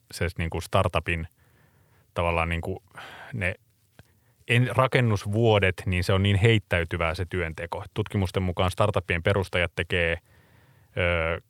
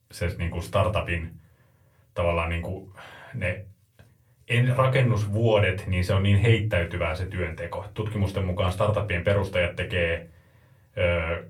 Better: first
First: none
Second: off-mic speech; far // room echo; very slight; dies away in 0.3 s

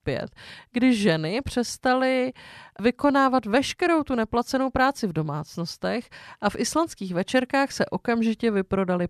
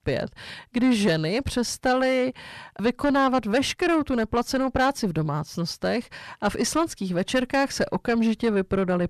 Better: first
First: none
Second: distortion; slight; 9 dB below the speech

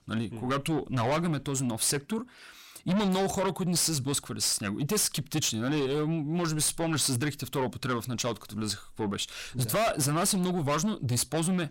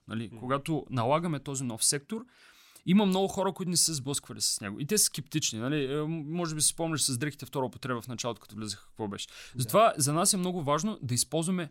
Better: second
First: distortion; heavy; 6 dB below the speech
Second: none

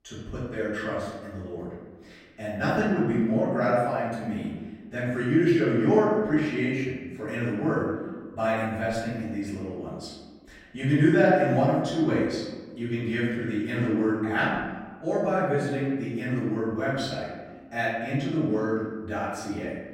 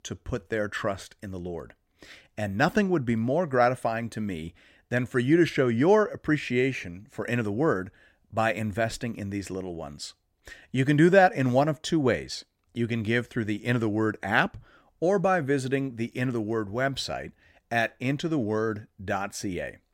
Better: second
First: room echo; noticeable; dies away in 1.3 s // off-mic speech; far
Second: none

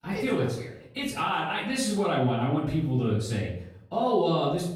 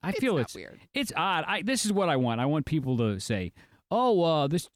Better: second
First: off-mic speech; far // room echo; noticeable; dies away in 0.6 s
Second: none

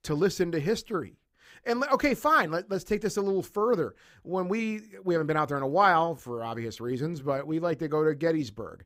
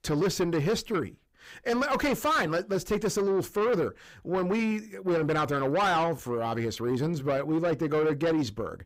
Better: first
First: none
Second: distortion; heavy; 7 dB below the speech

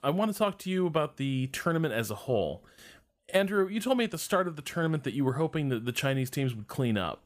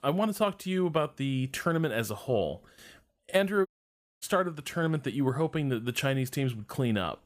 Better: first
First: none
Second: audio cutting out; at 3.5 s for 0.5 s

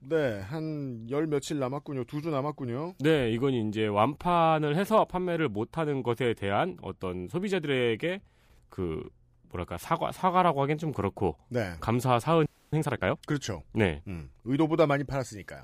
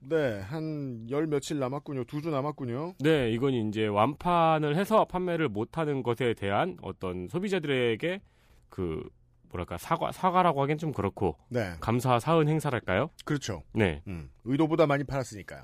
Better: second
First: audio freezing; at 12 s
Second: none

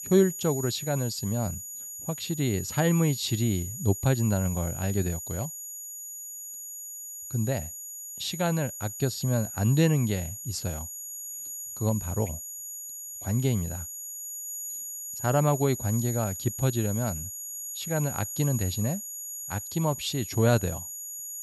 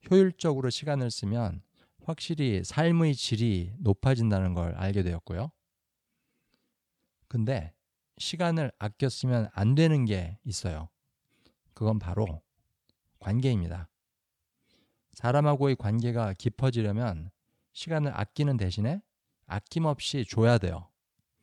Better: second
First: high-pitched whine; loud; throughout; 7 kHz, 7 dB below the speech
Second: none

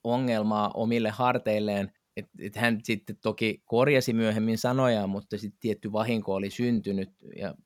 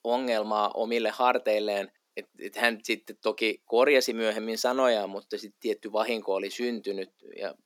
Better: first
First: none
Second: thin; somewhat; fading below 300 Hz

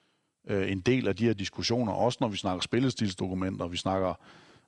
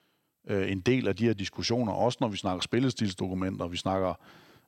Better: second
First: garbled, watery; slightly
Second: none

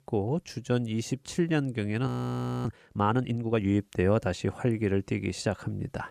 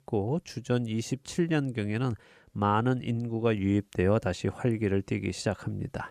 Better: second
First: audio freezing; at 2 s for 0.5 s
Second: none

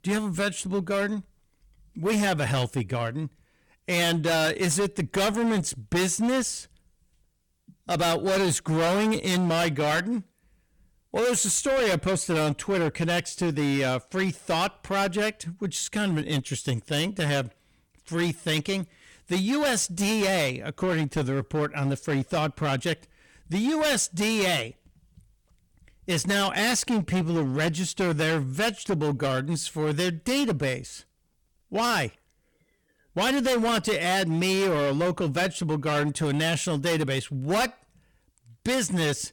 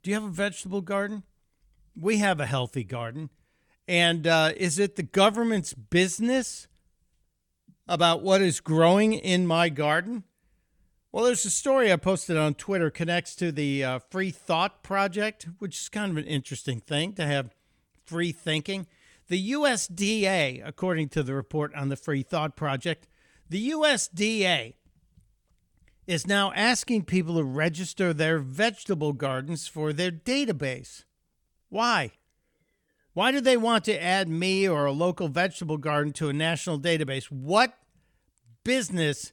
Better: second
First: distortion; heavy; 18% of the sound clipped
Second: none

